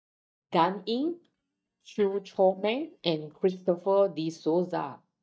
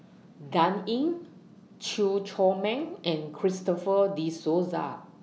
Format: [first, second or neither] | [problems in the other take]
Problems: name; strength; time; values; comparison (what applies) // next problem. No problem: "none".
second | noise reduction (neural mask model DeepFilterNet 3)